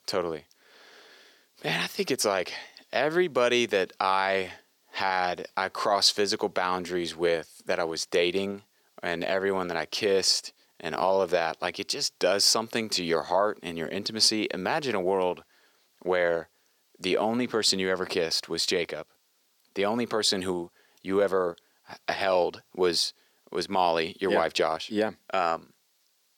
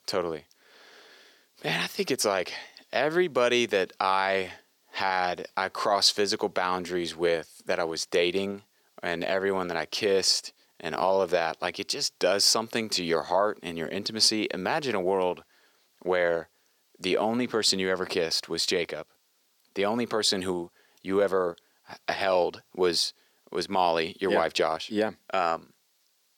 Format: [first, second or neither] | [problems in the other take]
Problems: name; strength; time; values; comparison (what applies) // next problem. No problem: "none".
neither | thin; somewhat; fading below 400 Hz; the same in both